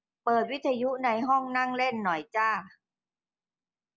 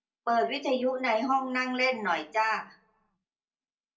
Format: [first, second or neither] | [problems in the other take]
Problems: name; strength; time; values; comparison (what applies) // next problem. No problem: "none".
first | room echo; dies away in 0.2 s